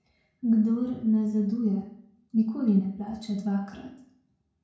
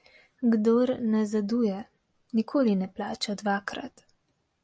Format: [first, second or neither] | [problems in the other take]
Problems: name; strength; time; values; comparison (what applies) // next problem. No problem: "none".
second | room echo; dies away in 0.6 s